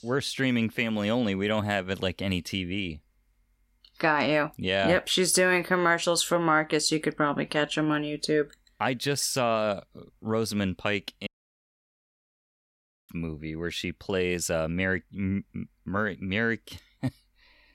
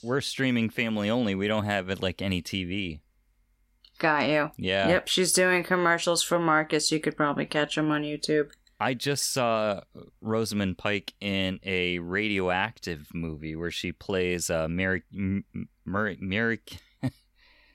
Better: second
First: audio cutting out; at 11 s for 2 s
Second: none

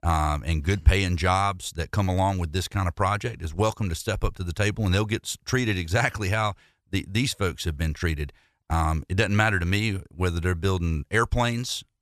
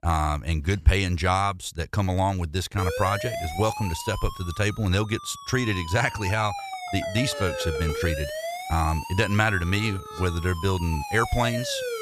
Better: first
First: none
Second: siren; noticeable; from 3 s on; peak 4 dB below the speech

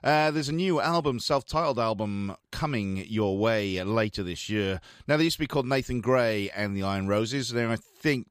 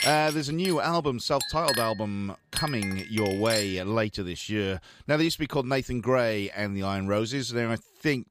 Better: first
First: none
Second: household noises; loud; throughout; 5 dB below the speech

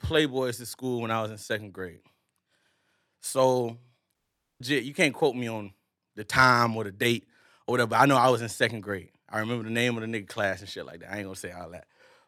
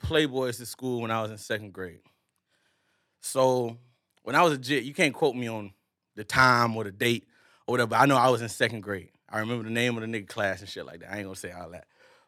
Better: second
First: audio cutting out; at 4 s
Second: none

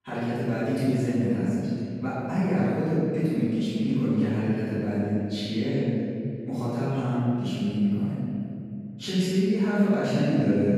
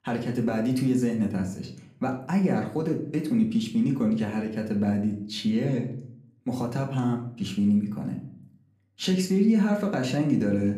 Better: second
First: room echo; strong; dies away in 2.9 s // off-mic speech; far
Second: room echo; slight; dies away in 0.4 s // off-mic speech; somewhat distant

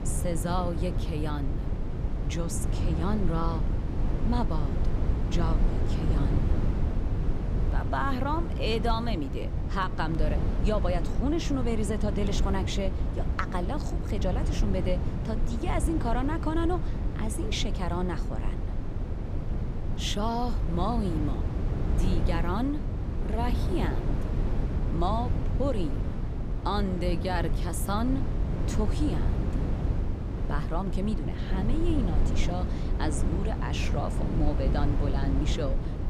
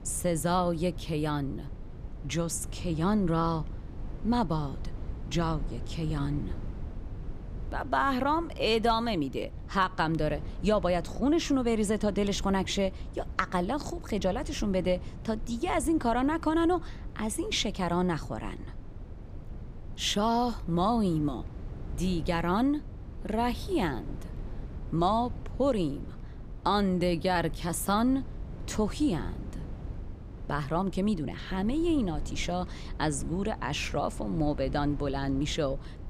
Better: second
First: low rumble; loud; throughout; 6 dB below the speech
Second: low rumble; faint; throughout; 20 dB below the speech

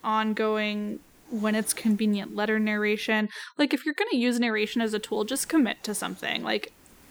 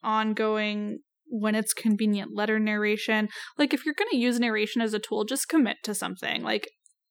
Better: second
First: hiss; faint; until 3 s and from 4.5 s on; 25 dB below the speech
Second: none

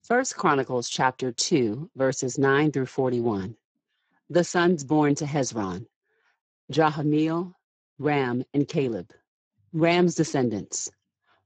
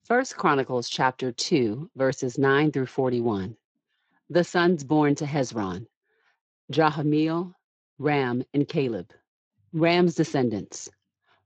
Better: second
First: garbled, watery; badly; nothing above 7.5 kHz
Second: garbled, watery; slightly; nothing above 7.5 kHz

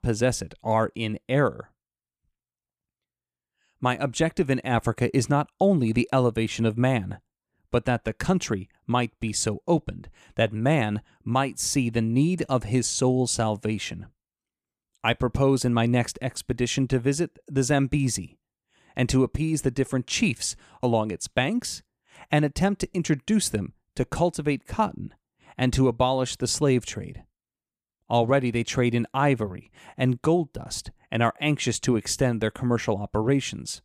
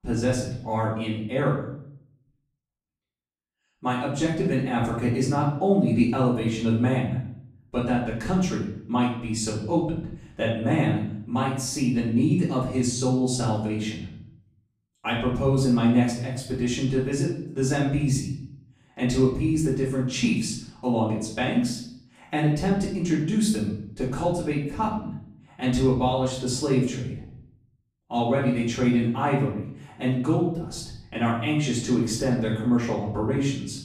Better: first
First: none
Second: off-mic speech; far // room echo; noticeable; dies away in 0.7 s

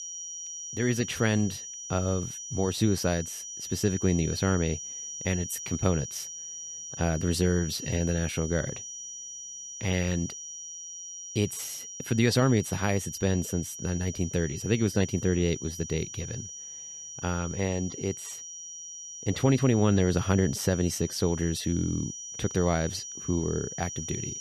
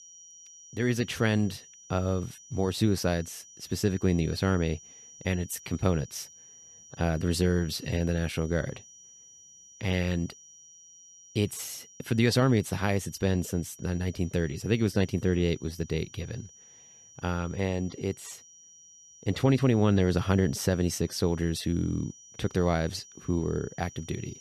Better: second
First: high-pitched whine; loud; throughout; 6 kHz, 9 dB below the speech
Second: high-pitched whine; faint; throughout; 6 kHz, 20 dB below the speech

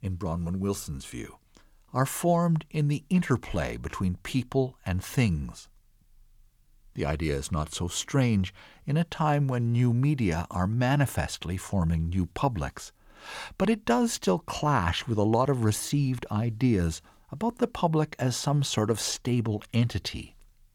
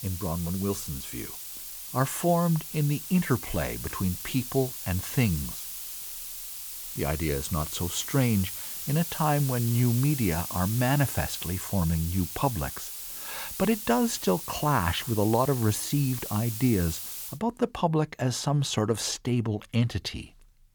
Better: first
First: none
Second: hiss; loud; until 17 s; 7 dB below the speech

